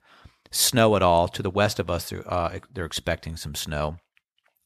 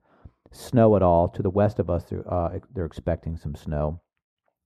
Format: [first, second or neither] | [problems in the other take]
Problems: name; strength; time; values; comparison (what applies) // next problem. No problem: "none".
first | muffled; very; fading above 1.5 kHz